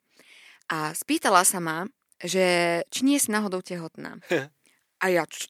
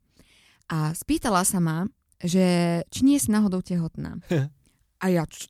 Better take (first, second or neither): second